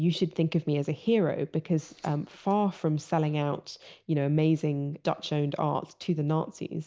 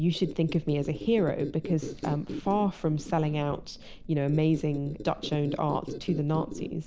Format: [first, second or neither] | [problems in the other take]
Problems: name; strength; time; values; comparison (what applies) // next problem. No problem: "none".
first | background sound (Squeak); 10 dB below the speech